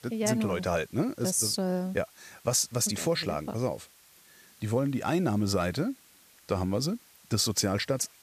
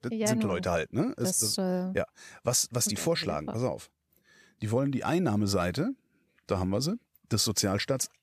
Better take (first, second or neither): second